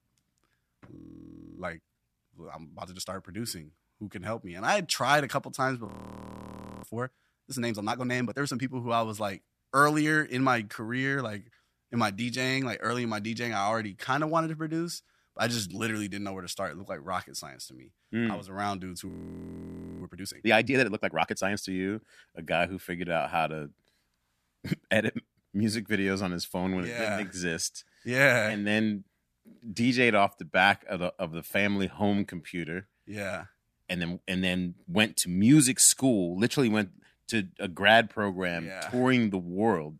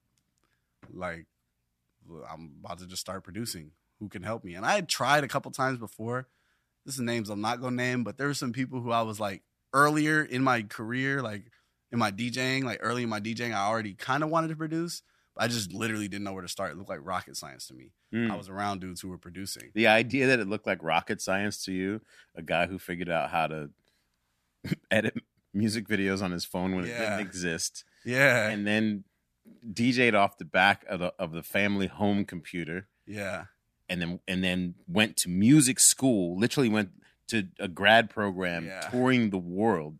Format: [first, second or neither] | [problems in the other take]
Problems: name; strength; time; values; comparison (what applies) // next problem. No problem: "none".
second | audio freezing; at 1 s for 0.5 s, at 6 s for 1 s and at 19 s for 1 s